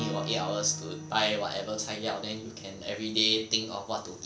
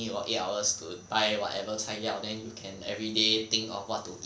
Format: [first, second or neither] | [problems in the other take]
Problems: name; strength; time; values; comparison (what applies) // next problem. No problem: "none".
second | background sound (Acoustic guitar / Strum); 11 dB below the speech